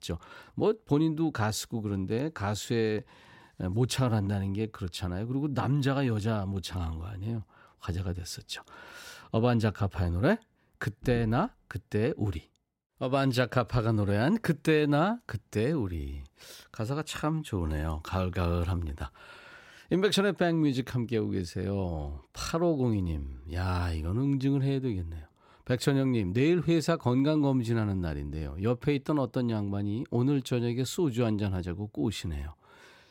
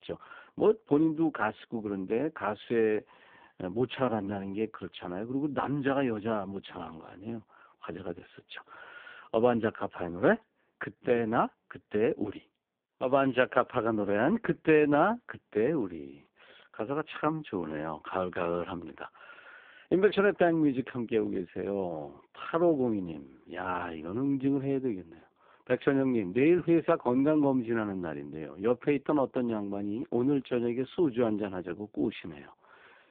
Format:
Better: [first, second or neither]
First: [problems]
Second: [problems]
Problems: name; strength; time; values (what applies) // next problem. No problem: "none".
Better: first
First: none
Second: phone-call audio; poor line; nothing above 3.5 kHz